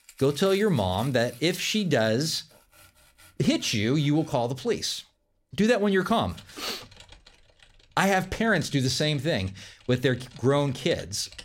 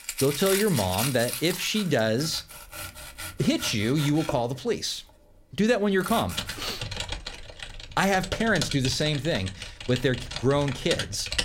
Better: first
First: household noises; faint; throughout; 25 dB below the speech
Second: household noises; loud; throughout; 8 dB below the speech

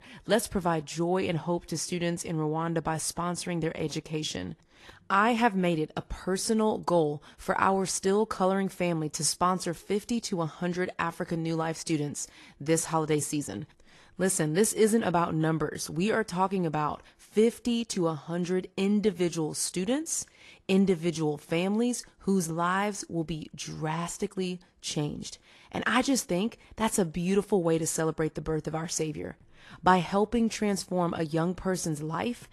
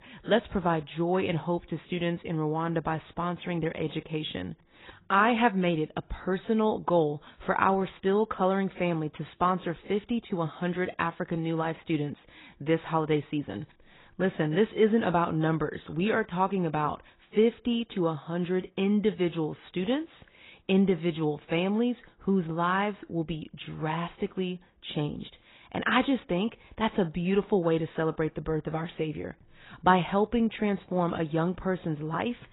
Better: first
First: garbled, watery; slightly; nothing above 11.5 kHz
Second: garbled, watery; badly; nothing above 4 kHz

